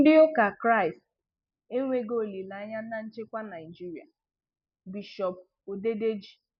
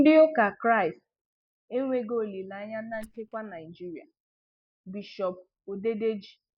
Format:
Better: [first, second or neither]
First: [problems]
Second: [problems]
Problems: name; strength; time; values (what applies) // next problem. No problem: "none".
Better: first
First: none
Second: noise reduction (neural mask model DeepFilterNet 3)